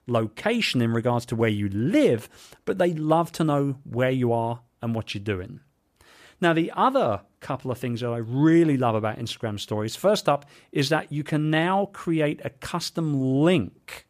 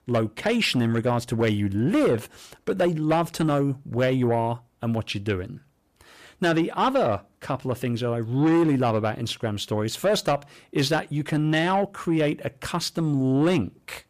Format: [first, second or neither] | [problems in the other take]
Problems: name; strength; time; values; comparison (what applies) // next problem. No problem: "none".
first | distortion; slight; 10 dB below the speech